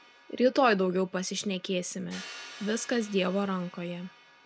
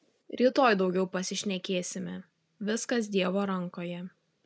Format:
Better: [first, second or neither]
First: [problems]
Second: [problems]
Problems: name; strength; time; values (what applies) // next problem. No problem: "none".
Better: second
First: background sound (Crash cymbal); 20 dB below the speech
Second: none